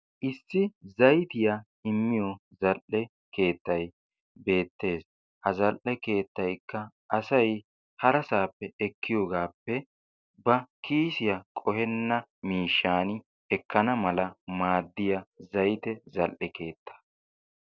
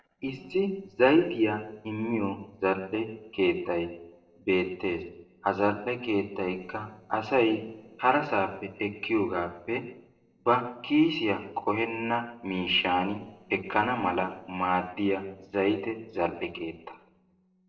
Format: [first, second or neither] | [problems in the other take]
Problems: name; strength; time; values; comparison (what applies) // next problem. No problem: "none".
first | noise reduction (neural separator model SepFormer DNS4)